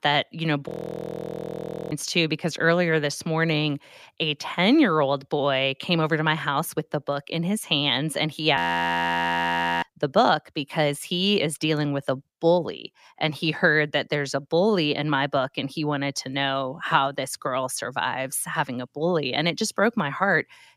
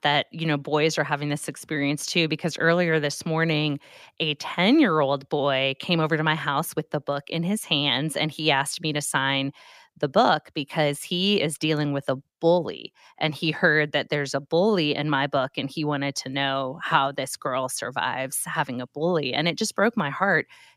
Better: second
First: audio freezing; at 0.5 s for 1 s and at 8.5 s for 1.5 s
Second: none

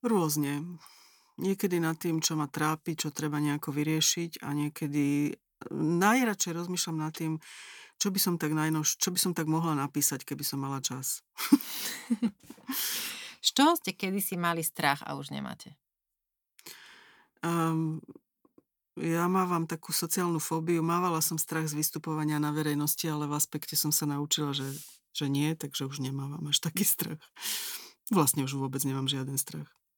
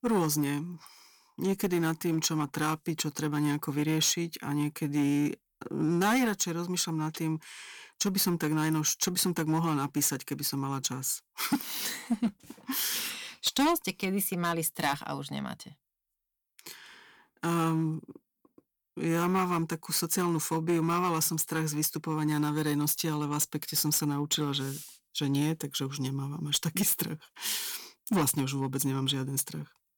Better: first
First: none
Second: distortion; slight; 4% of the sound clipped

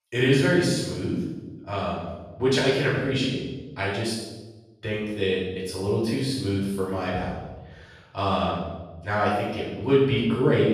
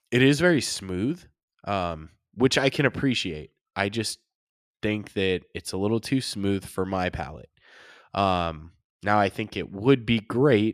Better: second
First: off-mic speech; far // room echo; strong; dies away in 1 s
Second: none

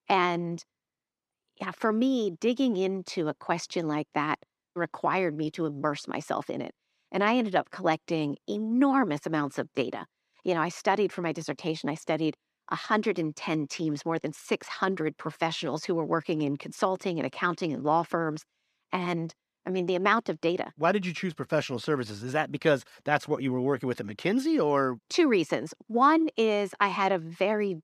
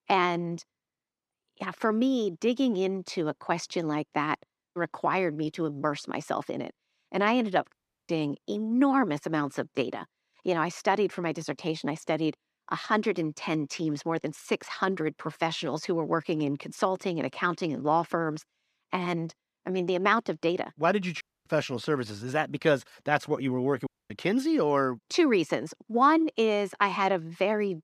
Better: first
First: none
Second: audio cutting out; at 7.5 s, at 21 s and at 24 s

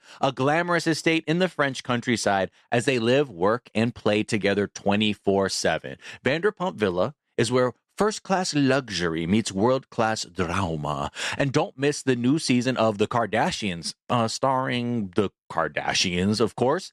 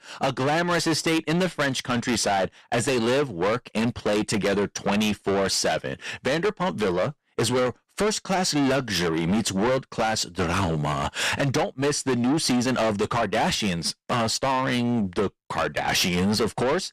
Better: first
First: none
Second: distortion; heavy; 6 dB below the speech

